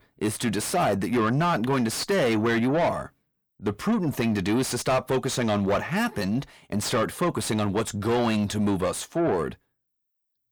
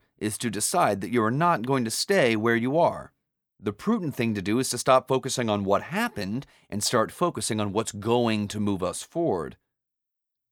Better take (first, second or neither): second